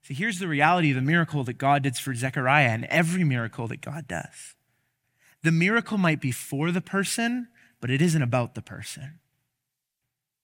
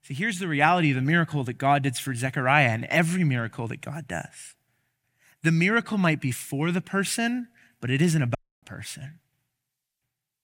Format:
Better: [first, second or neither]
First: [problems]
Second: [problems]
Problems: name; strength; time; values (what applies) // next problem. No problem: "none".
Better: first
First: none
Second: audio cutting out; at 8.5 s